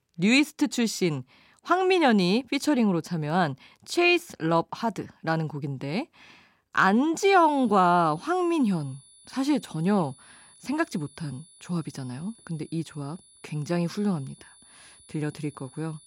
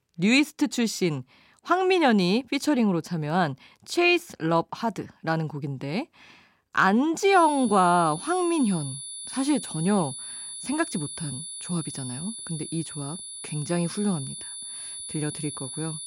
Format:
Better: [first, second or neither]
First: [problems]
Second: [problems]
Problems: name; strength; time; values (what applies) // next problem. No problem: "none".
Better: first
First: high-pitched whine; faint; from 7.5 s on; 10 kHz, 25 dB below the speech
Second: high-pitched whine; loud; from 7.5 s on; 10 kHz, 10 dB below the speech